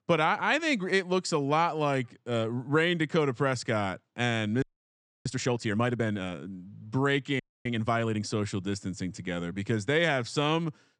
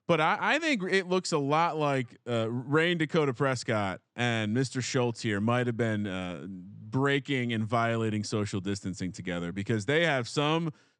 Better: second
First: audio freezing; at 4.5 s for 0.5 s and at 7.5 s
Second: none

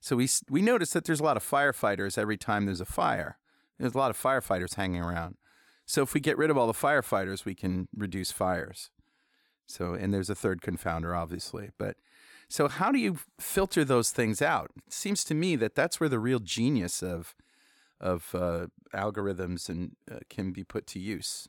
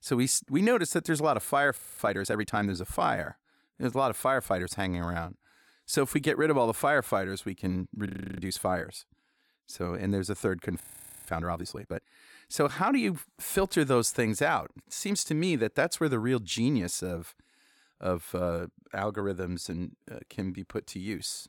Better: first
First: none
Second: audio freezing; at 2 s, at 8 s and at 11 s

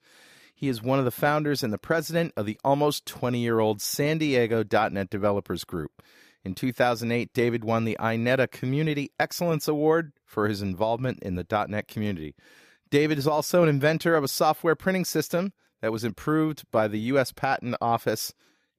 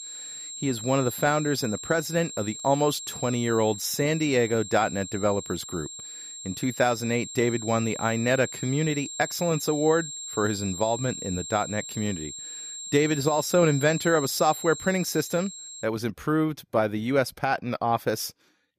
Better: first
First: none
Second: high-pitched whine; loud; until 16 s; 7.5 kHz, 9 dB below the speech

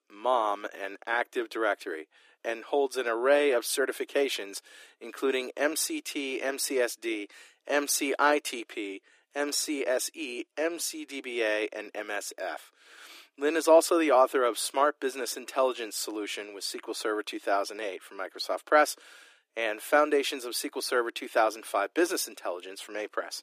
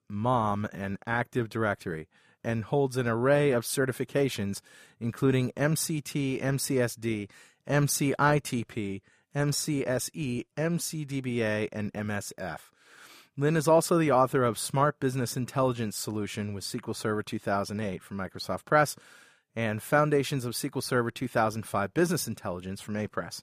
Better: second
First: thin; somewhat; fading below 300 Hz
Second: none

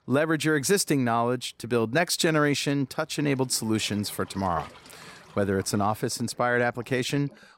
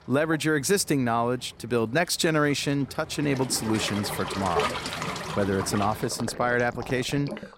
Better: first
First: rain or running water; faint; throughout; 25 dB below the speech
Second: rain or running water; loud; throughout; 7 dB below the speech

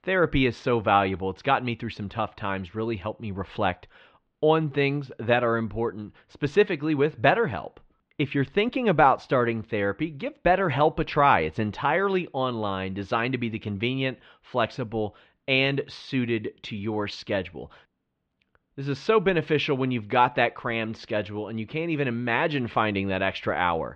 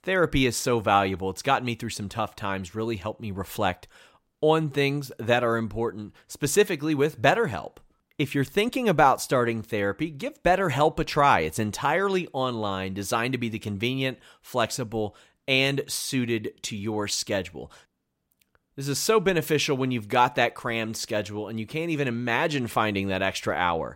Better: second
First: muffled; slightly; fading above 3.5 kHz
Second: none

